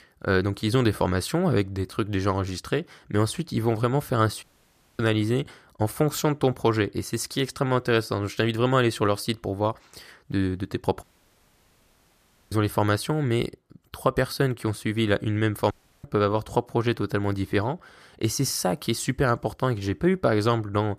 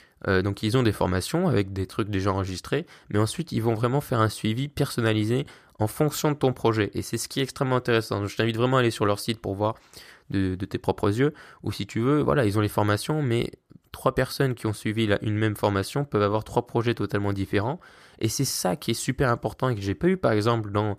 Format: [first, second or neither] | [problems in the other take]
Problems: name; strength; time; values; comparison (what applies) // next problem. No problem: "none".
second | audio cutting out; at 4.5 s for 0.5 s, at 11 s for 1.5 s and at 16 s